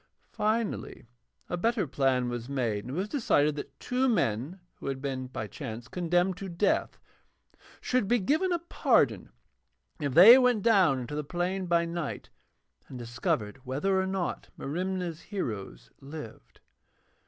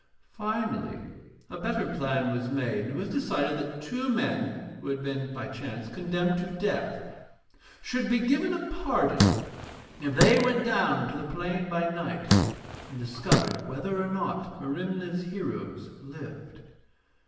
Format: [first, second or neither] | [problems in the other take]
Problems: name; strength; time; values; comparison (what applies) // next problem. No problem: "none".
first | background sound (Fart); 3 dB above the speech // room echo; dies away in 1.2 s